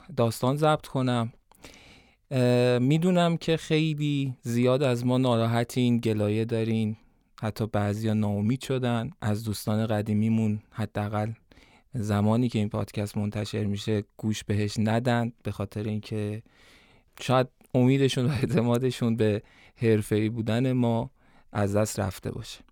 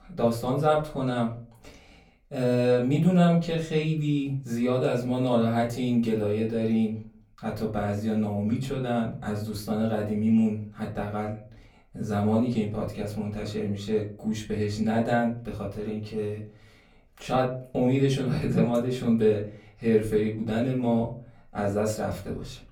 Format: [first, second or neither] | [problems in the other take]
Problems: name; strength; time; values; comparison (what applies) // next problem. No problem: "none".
first | off-mic speech; far // room echo; slight; dies away in 0.3 s